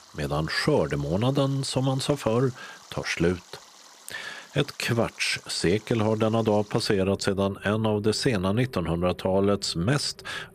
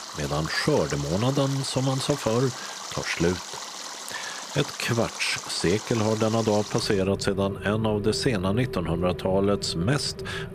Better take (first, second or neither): first